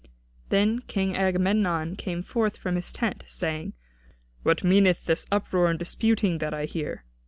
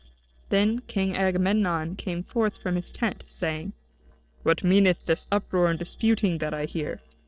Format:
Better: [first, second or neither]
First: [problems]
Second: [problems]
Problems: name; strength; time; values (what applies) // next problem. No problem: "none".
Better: first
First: none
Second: noise reduction (neural separator model SepFormer DNS4)